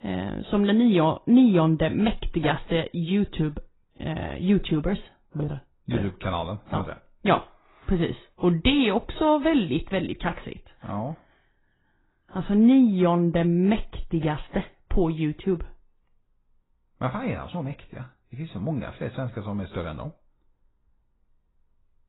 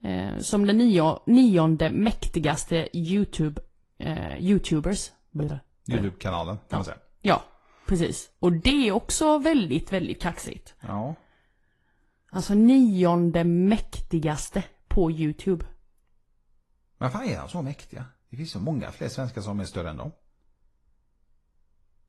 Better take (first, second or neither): second